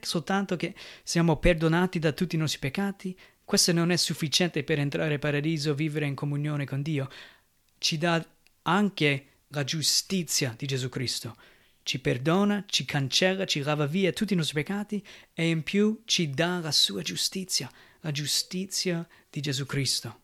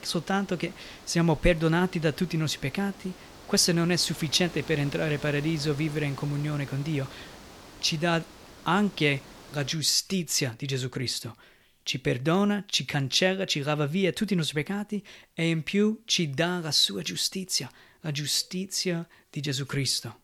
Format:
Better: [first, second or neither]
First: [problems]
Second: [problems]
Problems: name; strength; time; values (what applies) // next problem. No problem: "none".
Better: first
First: none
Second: hiss; noticeable; until 10 s; 20 dB below the speech